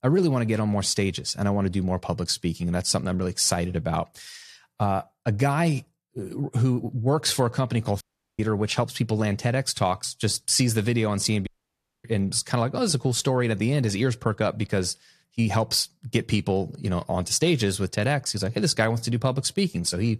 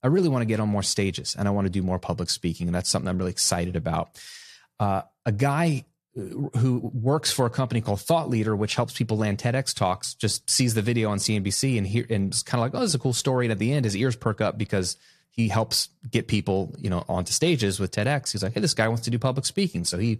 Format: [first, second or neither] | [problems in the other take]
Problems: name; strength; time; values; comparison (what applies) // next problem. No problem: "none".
second | audio cutting out; at 8 s and at 11 s for 0.5 s